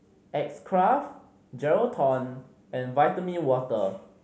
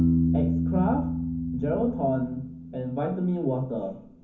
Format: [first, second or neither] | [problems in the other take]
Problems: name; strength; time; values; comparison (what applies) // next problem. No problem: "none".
first | background sound (Piano); 1 dB above the speech // room echo; dies away in 0.3 s